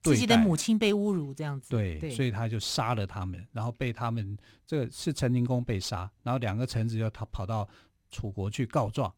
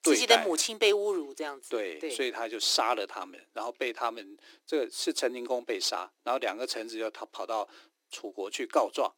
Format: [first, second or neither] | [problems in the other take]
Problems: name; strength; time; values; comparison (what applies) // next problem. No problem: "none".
first | thin; very; fading below 300 Hz